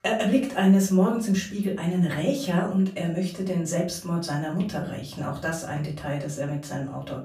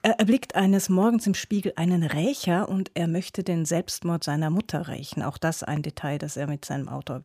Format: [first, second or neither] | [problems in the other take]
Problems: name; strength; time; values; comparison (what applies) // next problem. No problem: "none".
second | room echo; slight; dies away in 0.3 s // off-mic speech; far